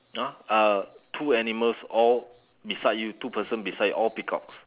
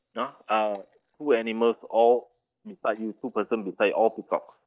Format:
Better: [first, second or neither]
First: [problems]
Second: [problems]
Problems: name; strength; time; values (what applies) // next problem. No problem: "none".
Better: first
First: none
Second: noise reduction (neural mask model DeepFilterNet 3)